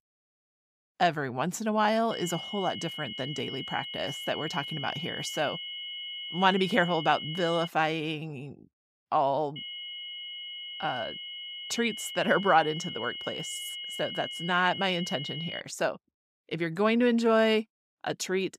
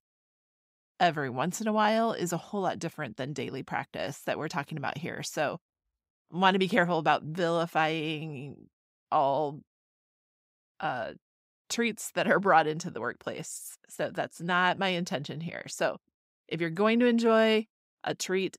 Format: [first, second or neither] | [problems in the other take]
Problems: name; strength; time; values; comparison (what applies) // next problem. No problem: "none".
second | high-pitched whine; loud; from 2 to 7.5 s and from 9.5 to 16 s; 3 kHz, 7 dB below the speech